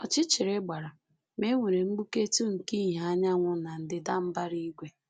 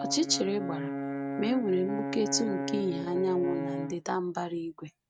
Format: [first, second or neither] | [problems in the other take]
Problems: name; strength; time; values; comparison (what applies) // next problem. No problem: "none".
first | noise reduction (neural mask model RNNoise)